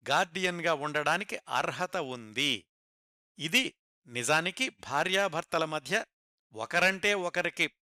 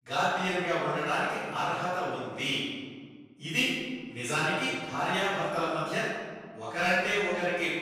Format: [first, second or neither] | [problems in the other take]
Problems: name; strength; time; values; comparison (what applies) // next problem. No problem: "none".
first | room echo; strong; dies away in 1.7 s // off-mic speech; far